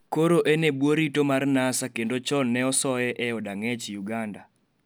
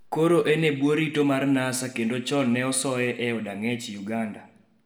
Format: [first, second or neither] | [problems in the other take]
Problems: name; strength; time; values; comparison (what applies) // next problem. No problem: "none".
first | room echo; dies away in 0.7 s